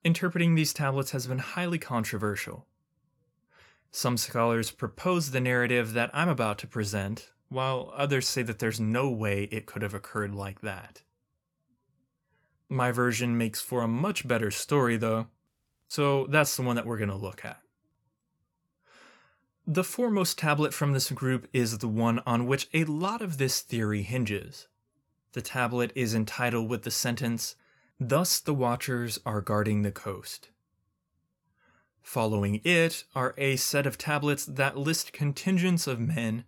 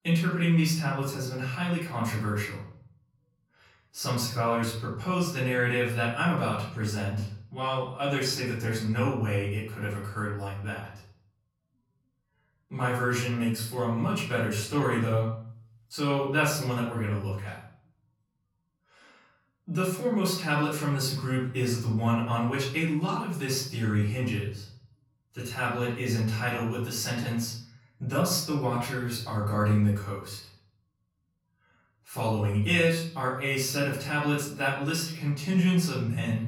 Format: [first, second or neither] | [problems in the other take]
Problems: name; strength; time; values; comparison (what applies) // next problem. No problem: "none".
first | off-mic speech; far // room echo; noticeable; dies away in 0.6 s